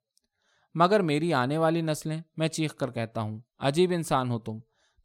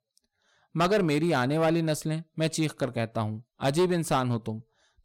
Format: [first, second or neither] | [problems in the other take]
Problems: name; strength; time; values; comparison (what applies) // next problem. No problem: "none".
first | distortion; slight; 5% of the sound clipped